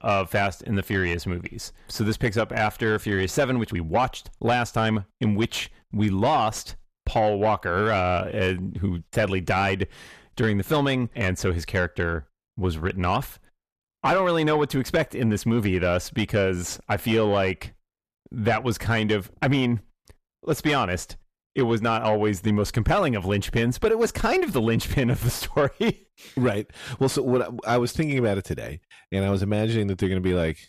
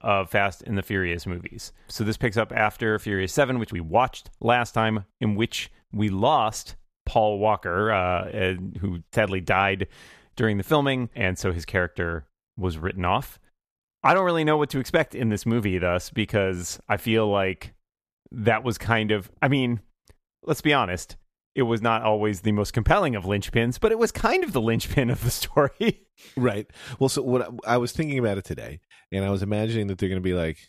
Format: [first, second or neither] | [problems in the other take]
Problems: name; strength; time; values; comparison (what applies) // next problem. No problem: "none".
second | distortion; slight; 10 dB below the speech